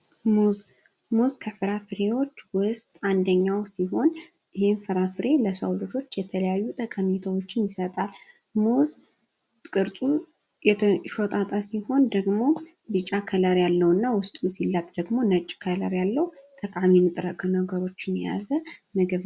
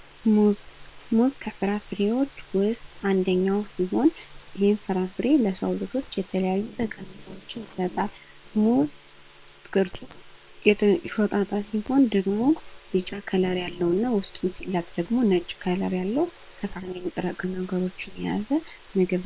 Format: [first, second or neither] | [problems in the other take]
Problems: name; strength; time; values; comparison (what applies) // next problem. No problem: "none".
first | noise reduction (neural separator model SepFormer WHAM!)